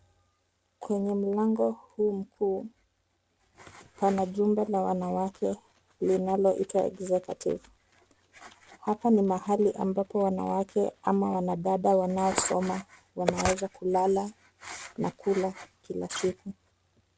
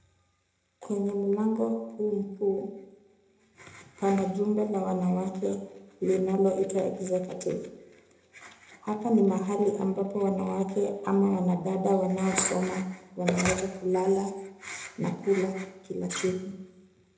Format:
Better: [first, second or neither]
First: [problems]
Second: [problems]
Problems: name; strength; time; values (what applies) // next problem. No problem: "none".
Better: first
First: none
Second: room echo; dies away in 0.8 s